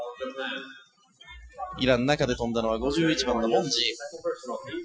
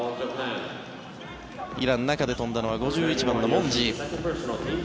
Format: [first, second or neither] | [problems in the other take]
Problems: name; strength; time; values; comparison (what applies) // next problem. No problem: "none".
second | noise reduction (classical method Wiener filter)